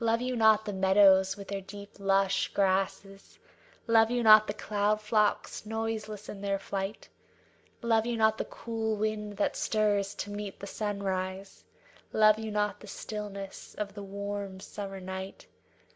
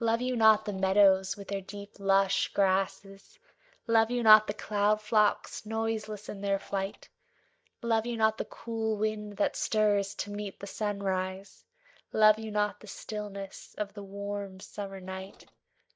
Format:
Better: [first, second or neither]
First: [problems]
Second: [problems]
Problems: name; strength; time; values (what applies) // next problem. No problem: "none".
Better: first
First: none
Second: noise reduction (neural mask model DeepFilterNet 3)